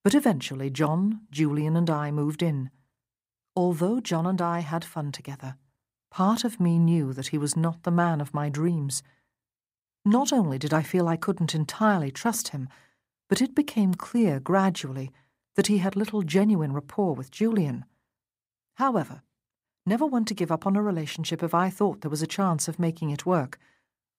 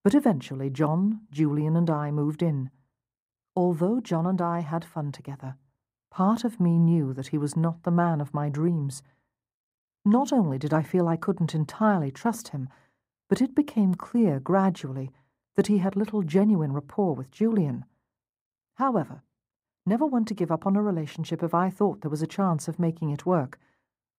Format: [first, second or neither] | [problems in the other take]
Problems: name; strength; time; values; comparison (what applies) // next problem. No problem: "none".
first | muffled; slightly; fading above 1.5 kHz